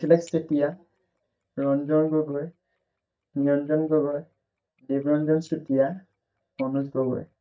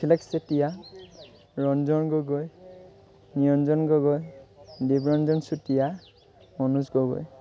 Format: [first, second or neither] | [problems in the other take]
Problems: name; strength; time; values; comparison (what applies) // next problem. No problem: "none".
second | noise reduction (neural mask model DeepFilterNet 3)